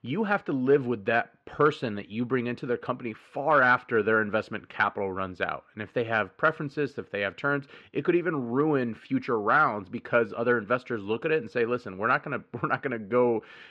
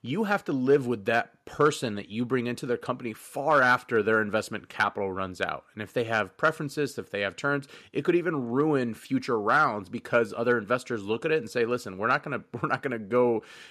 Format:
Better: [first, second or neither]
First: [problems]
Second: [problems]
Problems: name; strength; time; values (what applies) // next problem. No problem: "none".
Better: second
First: muffled; slightly; fading above 2.5 kHz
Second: none